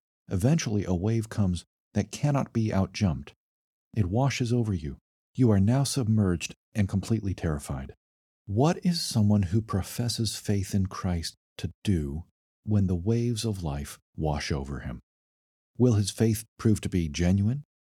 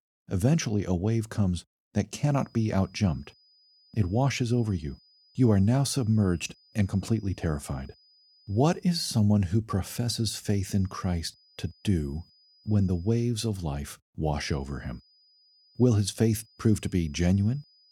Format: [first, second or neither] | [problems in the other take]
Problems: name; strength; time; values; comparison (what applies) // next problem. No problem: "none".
first | high-pitched whine; faint; from 2.5 to 9 s, from 10 to 13 s and from 14 s on; 5 kHz, 30 dB below the speech